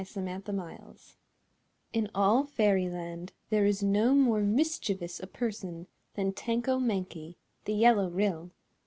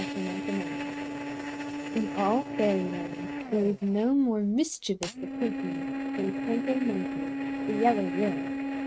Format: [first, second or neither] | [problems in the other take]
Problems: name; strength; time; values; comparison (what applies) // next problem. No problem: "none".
first | noise reduction (neural mask model RNNoise)